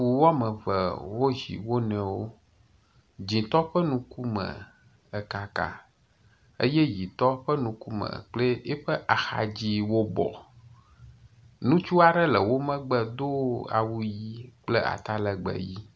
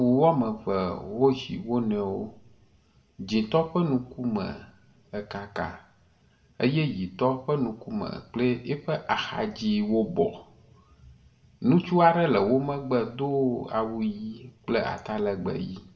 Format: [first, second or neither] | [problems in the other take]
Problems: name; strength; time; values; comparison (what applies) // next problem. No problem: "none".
first | room echo; dies away in 0.5 s